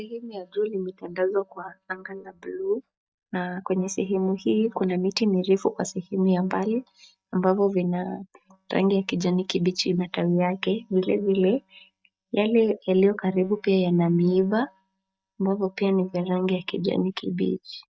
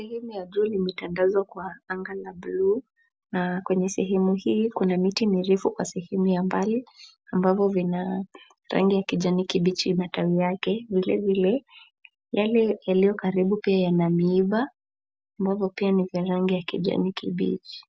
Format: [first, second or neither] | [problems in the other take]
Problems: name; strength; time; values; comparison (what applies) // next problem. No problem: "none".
second | noise reduction (neural mask model DeepFilterNet 3)